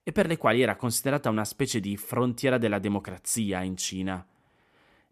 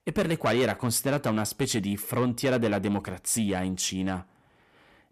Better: first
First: none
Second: distortion; slight; 10 dB below the speech

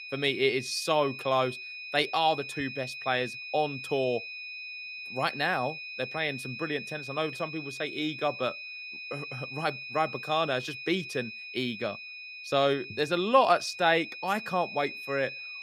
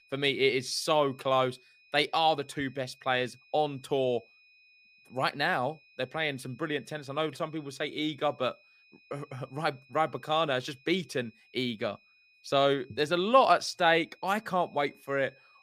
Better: second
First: high-pitched whine; loud; throughout; 2.5 kHz, 9 dB below the speech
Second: high-pitched whine; faint; throughout; 2.5 kHz, 30 dB below the speech

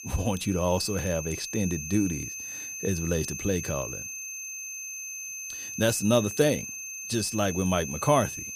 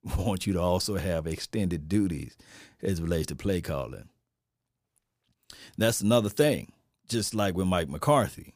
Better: second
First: high-pitched whine; loud; throughout; 6.5 kHz, 7 dB below the speech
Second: none

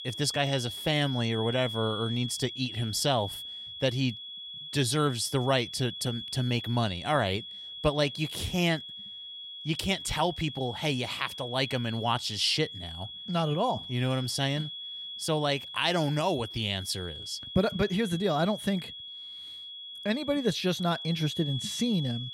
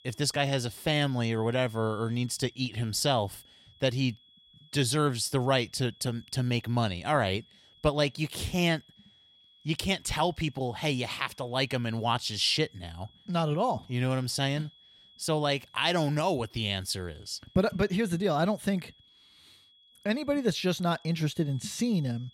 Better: second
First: high-pitched whine; loud; throughout; 3.5 kHz, 9 dB below the speech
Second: high-pitched whine; faint; throughout; 3.5 kHz, 25 dB below the speech

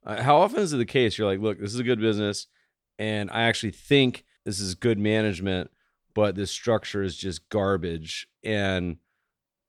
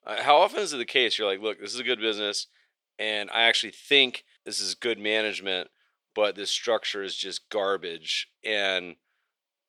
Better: first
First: none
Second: thin; somewhat; fading below 550 Hz

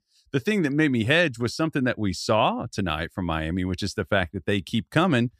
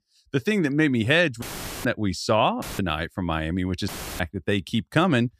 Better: first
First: none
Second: audio cutting out; filled with static; at 1.5 s, at 2.5 s and at 4 s

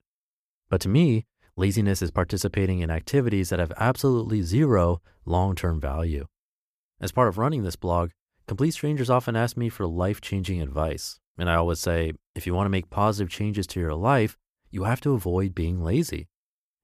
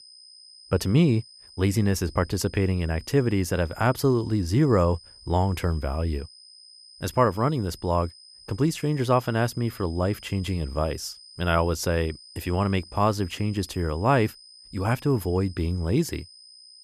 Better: first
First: none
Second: high-pitched whine; faint; throughout; 5 kHz, 20 dB below the speech

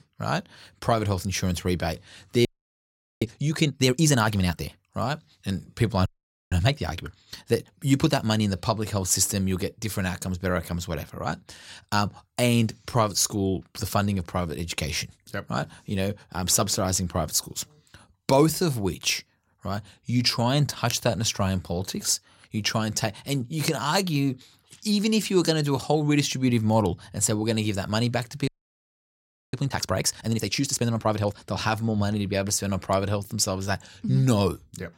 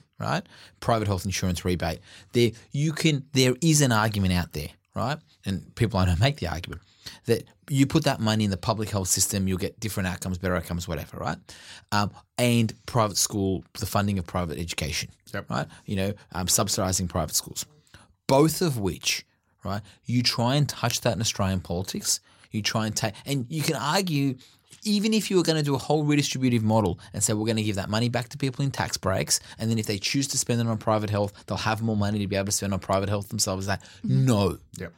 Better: second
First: audio freezing; at 2.5 s for 1 s, at 6 s and at 28 s for 1 s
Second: none

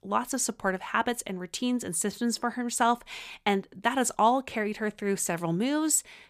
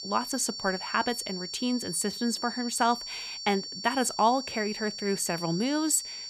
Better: first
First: none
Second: high-pitched whine; loud; throughout; 4.5 kHz, 7 dB below the speech

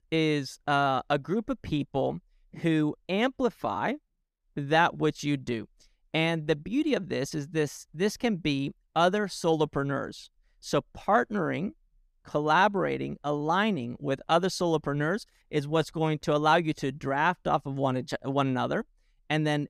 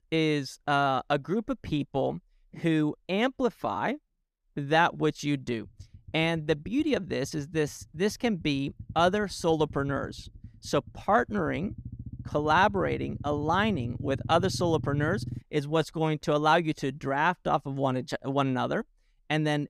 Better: first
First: none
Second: low rumble; faint; from 5.5 to 15 s; 20 dB below the speech

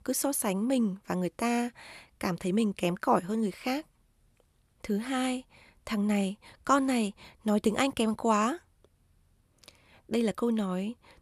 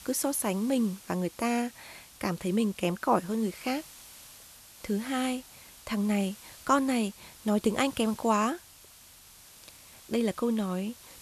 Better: first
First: none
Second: hiss; noticeable; throughout; 20 dB below the speech

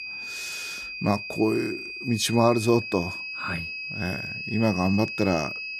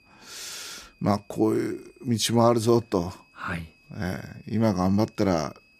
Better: second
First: high-pitched whine; loud; throughout; 2.5 kHz, 6 dB below the speech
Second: high-pitched whine; faint; throughout; 2.5 kHz, 30 dB below the speech

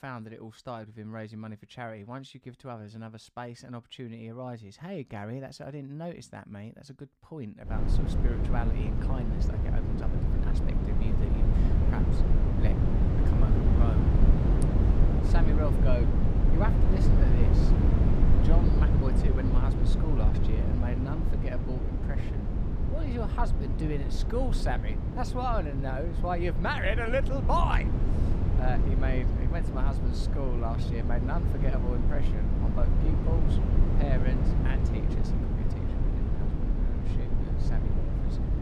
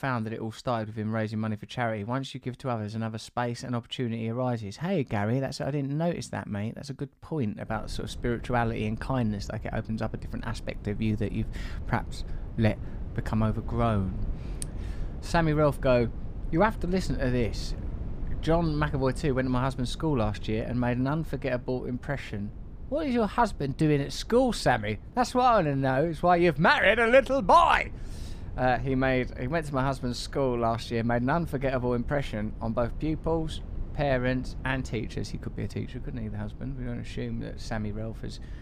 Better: second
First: low rumble; loud; from 7.5 s on; 2 dB below the speech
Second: low rumble; faint; from 7.5 s on; 25 dB below the speech

